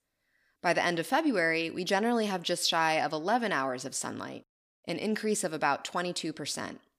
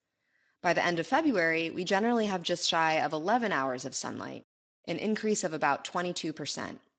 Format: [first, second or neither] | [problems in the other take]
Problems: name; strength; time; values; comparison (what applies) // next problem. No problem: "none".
first | garbled, watery; slightly; nothing above 7.5 kHz